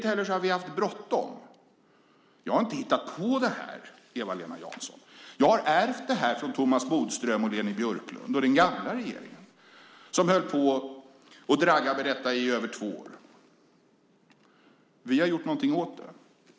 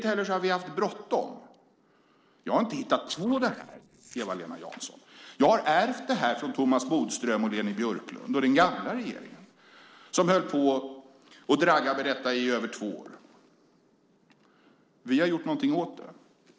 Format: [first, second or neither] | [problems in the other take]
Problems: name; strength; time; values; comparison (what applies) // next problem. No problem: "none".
first | noise reduction (neural separator model SepFormer DNS4)